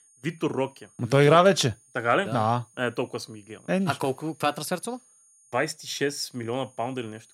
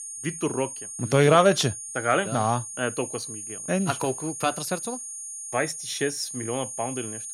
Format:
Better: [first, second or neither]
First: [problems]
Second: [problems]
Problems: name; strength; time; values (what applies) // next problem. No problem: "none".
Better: first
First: high-pitched whine; faint; throughout; 9 kHz, 30 dB below the speech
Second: high-pitched whine; loud; throughout; 9 kHz, 8 dB below the speech